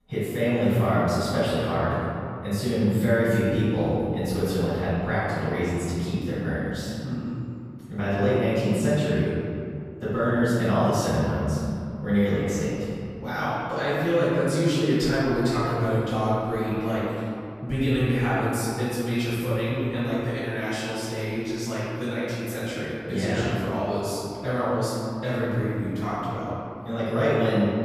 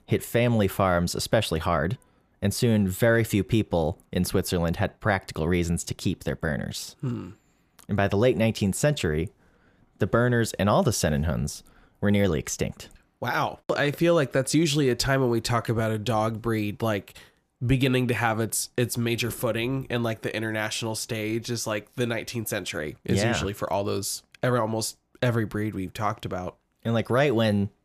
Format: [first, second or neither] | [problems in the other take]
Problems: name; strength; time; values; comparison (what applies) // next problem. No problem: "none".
second | off-mic speech; far // room echo; strong; dies away in 2.5 s